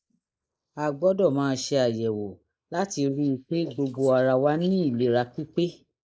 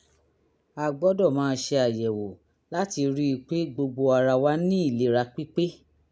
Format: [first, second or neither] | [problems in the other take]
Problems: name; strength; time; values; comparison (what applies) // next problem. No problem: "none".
second | noise reduction (neural mask model Resemble Enhance denoiser)